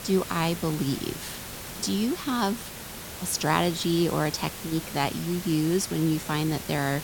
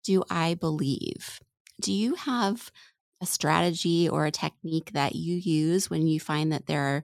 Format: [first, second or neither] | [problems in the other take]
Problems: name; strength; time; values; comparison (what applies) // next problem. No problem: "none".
second | hiss; loud; throughout; 10 dB below the speech